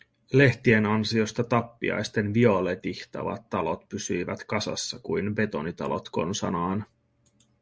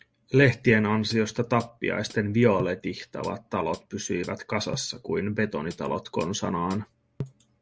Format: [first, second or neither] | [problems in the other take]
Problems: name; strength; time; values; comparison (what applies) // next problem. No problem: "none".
first | background sound (Hi-hat); 17 dB below the speech